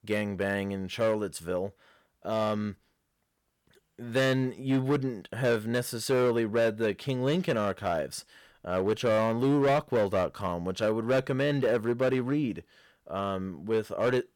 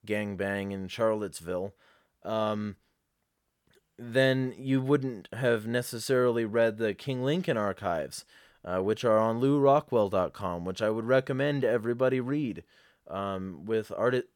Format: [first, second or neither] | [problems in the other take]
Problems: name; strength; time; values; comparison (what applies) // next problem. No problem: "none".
second | distortion; slight; 7% of the sound clipped